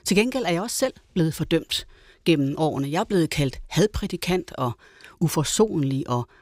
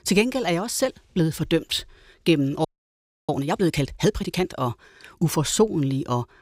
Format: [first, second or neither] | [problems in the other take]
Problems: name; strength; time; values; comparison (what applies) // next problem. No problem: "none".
first | audio freezing; at 2.5 s for 0.5 s